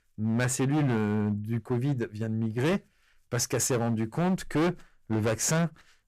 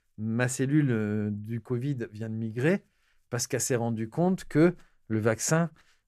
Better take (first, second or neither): second